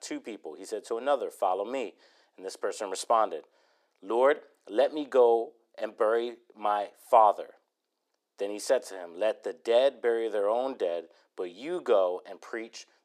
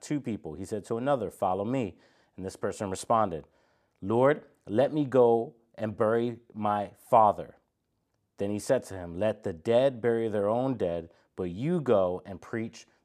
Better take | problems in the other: second | thin; somewhat; fading below 350 Hz

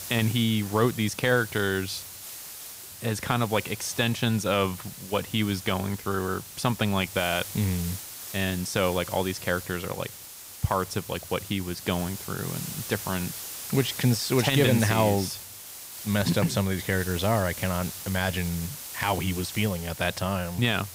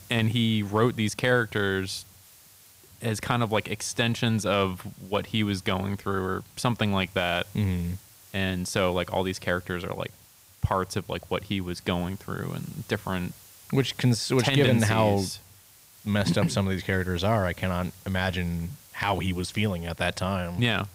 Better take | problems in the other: second | hiss; loud; throughout; 10 dB below the speech; faint in the second

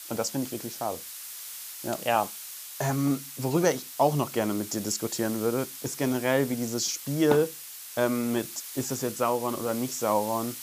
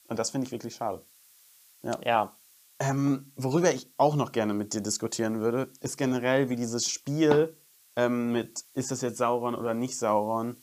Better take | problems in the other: second | hiss; loud; throughout; 10 dB below the speech; faint in the second

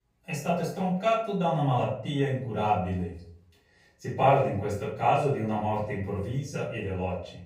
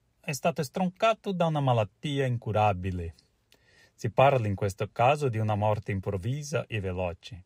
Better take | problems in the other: second | off-mic speech; far // room echo; noticeable; dies away in 0.5 s

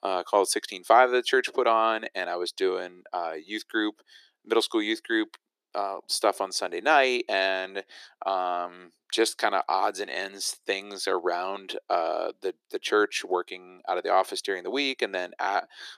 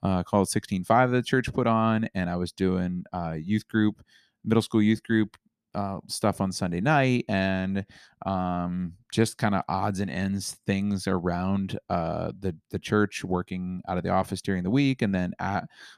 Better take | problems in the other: second | thin; very; fading below 350 Hz

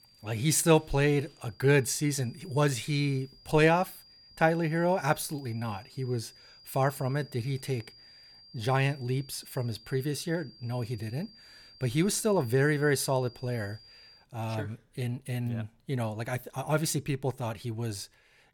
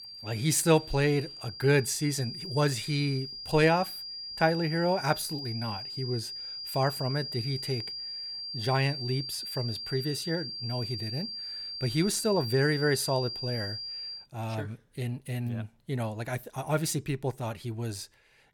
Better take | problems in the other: first | high-pitched whine; loud; until 14 s; 4.5 kHz, 6 dB below the speech; faint in the first

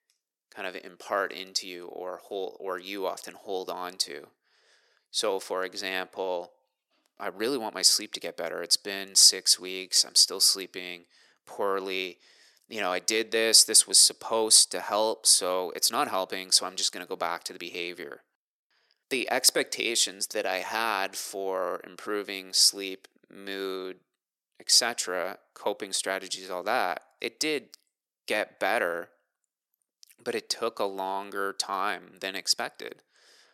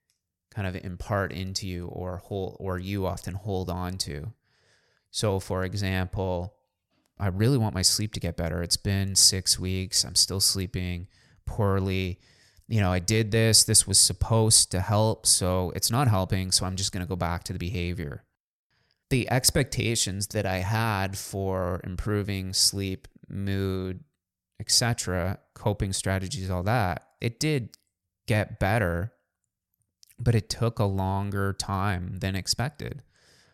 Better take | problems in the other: second | thin; very; fading below 300 Hz

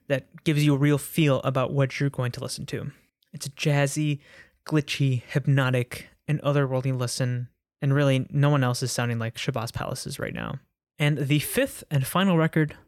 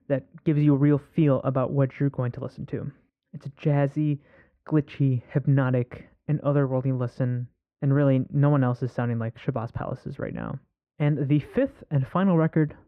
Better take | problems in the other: first | muffled; very; fading above 3.5 kHz

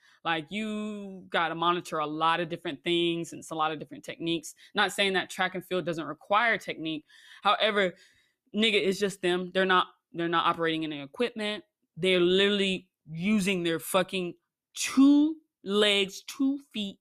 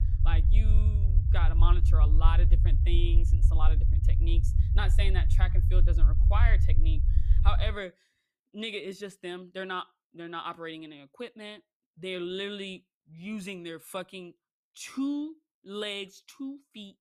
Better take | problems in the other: first | low rumble; loud; until 7.5 s; 7 dB below the speech

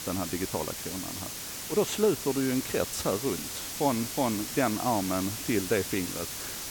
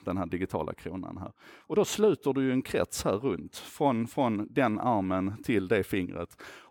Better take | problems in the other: second | hiss; loud; throughout; 5 dB below the speech

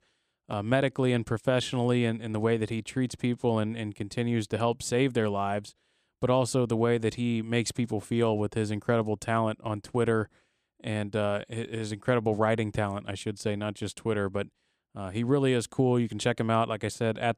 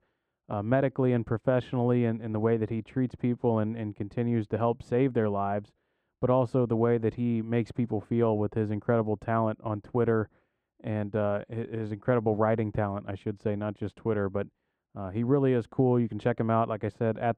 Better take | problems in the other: first | muffled; very; fading above 3 kHz

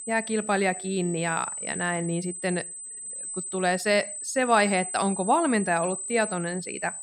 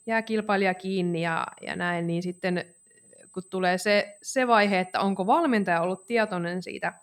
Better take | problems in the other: second | high-pitched whine; loud; throughout; 8 kHz, 7 dB below the speech; faint in the second

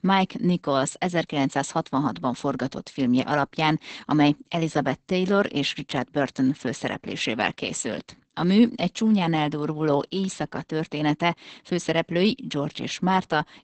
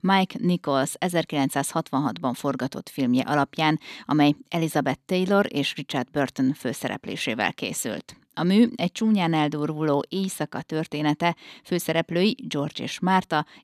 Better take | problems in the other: second | garbled, watery; badly; nothing above 8 kHz

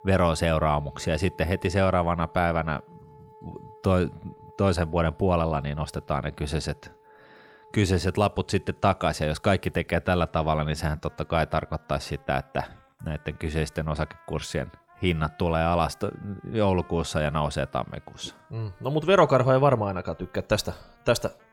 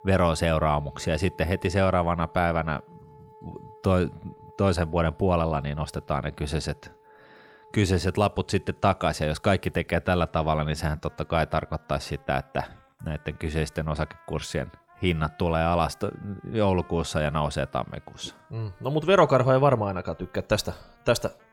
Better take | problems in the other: neither | background music; faint; throughout; 25 dB below the speech; the same in both

